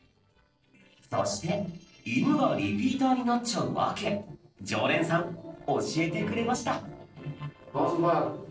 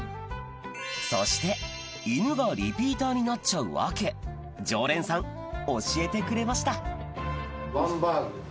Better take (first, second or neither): second